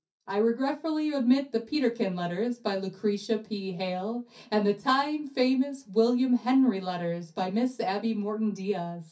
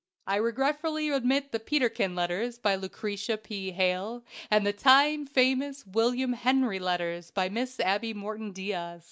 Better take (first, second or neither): second